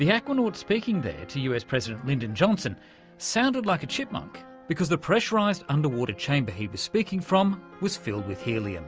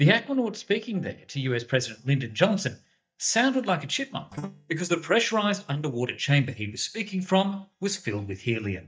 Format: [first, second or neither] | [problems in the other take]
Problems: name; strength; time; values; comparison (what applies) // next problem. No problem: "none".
first | noise reduction (neural mask model DeepFilterNet 3)